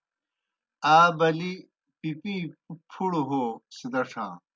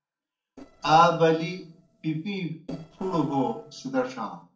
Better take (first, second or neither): first